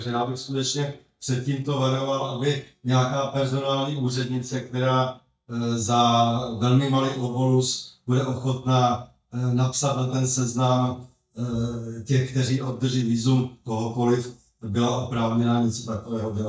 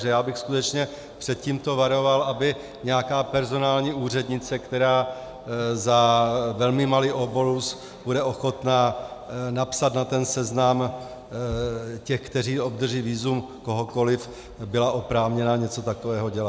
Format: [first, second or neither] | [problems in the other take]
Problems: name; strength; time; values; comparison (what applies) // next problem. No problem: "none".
second | noise reduction (neural mask model DeepFilterNet 3)